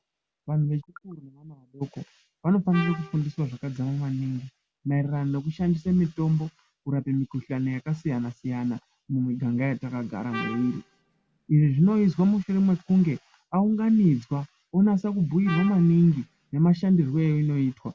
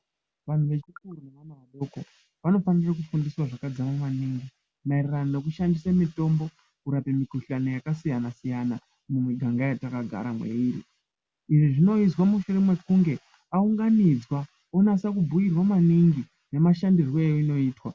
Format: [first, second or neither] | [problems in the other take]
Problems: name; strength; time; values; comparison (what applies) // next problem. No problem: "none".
second | background sound (Trumpet); 14 dB below the speech